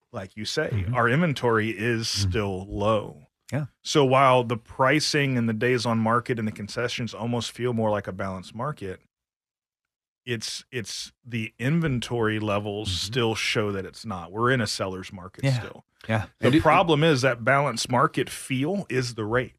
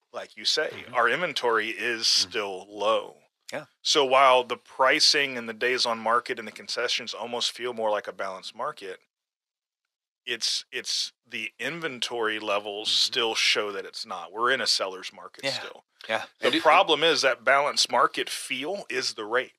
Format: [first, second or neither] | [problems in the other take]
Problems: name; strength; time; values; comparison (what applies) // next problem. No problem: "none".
first | thin; very; fading below 550 Hz